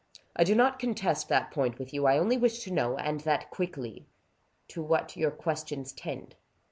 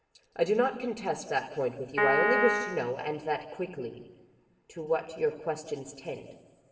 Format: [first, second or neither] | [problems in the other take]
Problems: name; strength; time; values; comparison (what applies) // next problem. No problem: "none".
first | background sound (Piano); 5 dB above the speech // room echo; dies away in 1.9 s